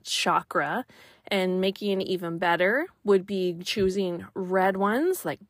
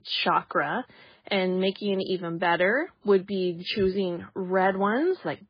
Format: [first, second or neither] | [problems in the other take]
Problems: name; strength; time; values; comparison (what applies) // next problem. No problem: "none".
first | garbled, watery; badly; nothing above 5 kHz